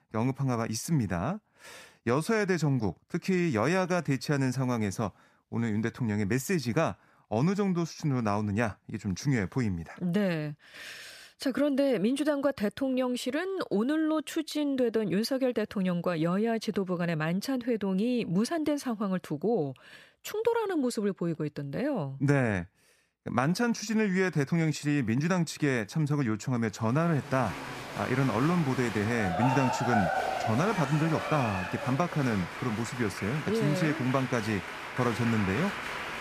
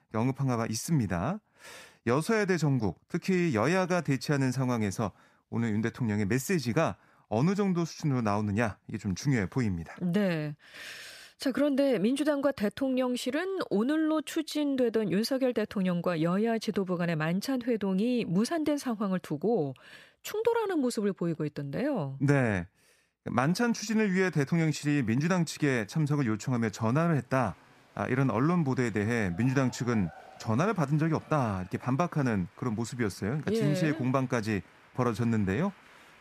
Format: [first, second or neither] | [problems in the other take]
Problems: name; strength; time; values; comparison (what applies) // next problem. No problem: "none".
second | crowd noise; loud; from 27 s on; 6 dB below the speech; faint in the second